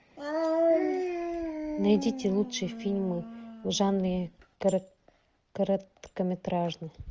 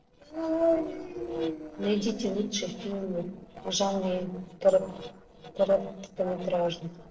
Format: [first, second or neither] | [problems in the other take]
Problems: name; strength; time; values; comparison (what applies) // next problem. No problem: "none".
first | noise reduction (neural separator model SepFormer DNS4)